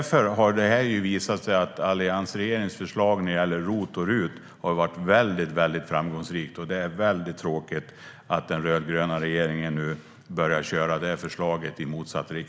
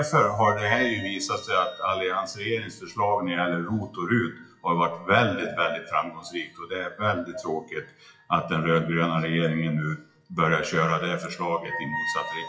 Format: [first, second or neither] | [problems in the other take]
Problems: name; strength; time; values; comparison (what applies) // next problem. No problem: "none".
first | noise reduction (classical method WPE with log-MMSE)